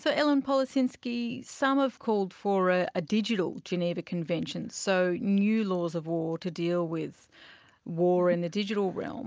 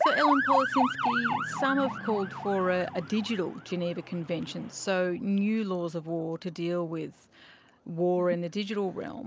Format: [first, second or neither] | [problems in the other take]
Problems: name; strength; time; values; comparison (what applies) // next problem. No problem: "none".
first | background sound (Motor vehicle (road) / Siren); 4 dB below the speech